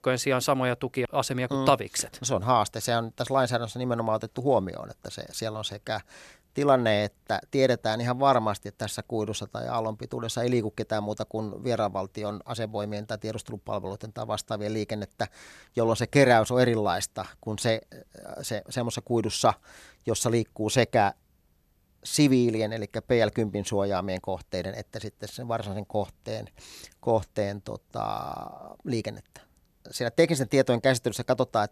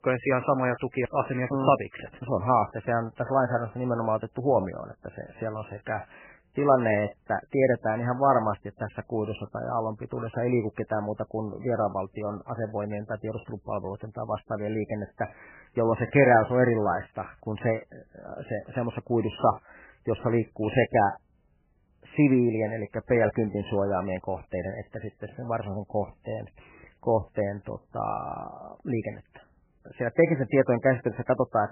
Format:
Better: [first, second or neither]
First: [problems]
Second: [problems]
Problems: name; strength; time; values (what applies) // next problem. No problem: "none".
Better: first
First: none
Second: garbled, watery; badly; nothing above 3 kHz